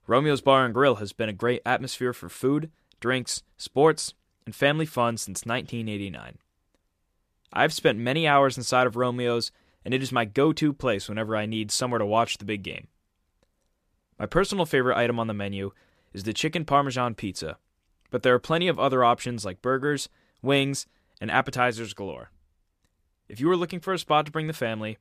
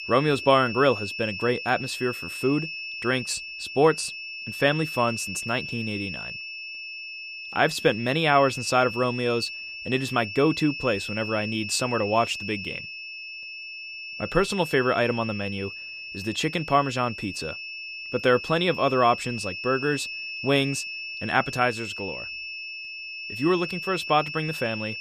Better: first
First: none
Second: high-pitched whine; loud; throughout; 2.5 kHz, 8 dB below the speech

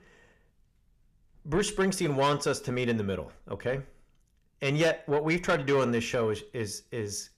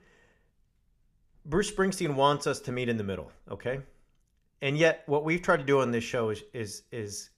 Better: second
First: distortion; slight; 10 dB below the speech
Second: none

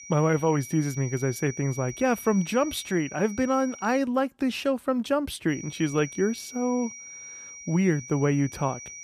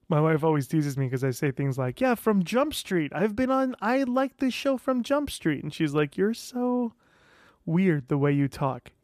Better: second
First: high-pitched whine; noticeable; until 4 s and from 5.5 s on; 6 kHz, 15 dB below the speech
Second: none

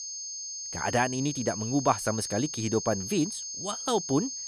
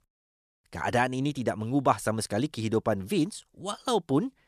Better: second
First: high-pitched whine; loud; throughout; 6.5 kHz, 5 dB below the speech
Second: none

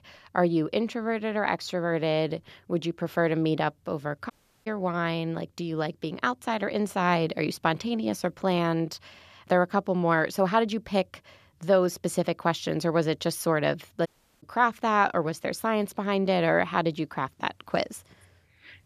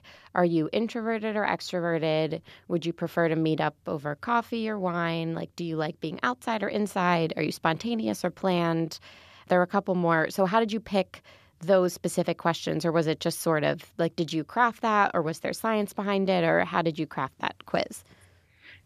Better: second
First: audio cutting out; at 4.5 s and at 14 s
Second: none

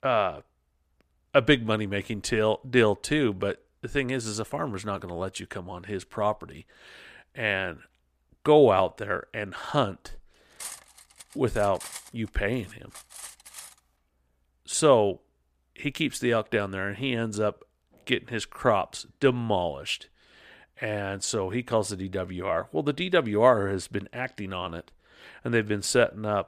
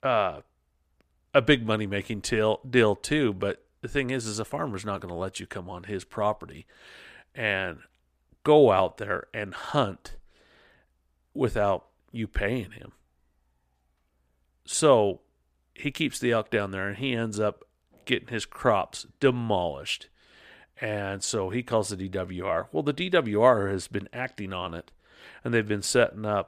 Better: second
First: clattering dishes; faint; from 11 to 14 s; peak 10 dB below the speech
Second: none

